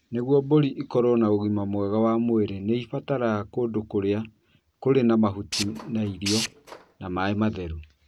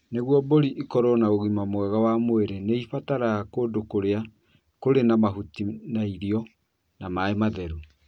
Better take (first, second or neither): second